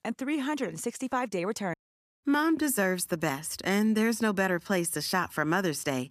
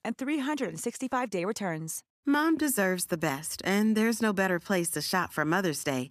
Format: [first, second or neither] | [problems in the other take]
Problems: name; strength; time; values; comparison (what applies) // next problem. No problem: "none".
second | audio cutting out; at 1.5 s